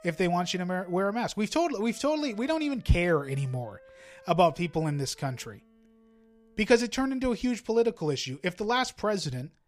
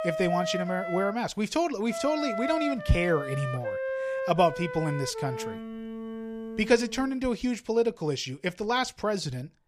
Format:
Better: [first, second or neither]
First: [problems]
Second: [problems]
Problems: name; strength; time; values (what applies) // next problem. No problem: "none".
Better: first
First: background music; faint; until 7 s; 30 dB below the speech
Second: background music; loud; until 7 s; 6 dB below the speech